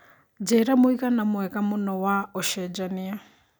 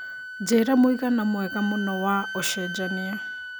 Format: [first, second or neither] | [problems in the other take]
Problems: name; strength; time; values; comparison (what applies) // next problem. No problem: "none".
first | background sound (Wind instrument, woodwind instrument); 10 dB below the speech